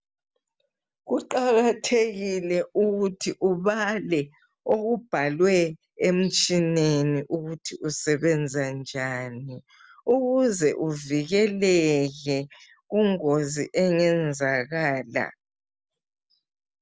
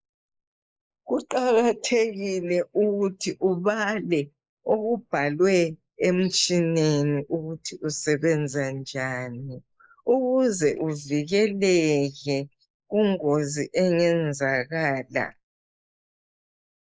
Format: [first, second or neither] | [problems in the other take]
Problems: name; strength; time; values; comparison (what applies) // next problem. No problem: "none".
first | noise reduction (neural mask model Resemble Enhance denoiser)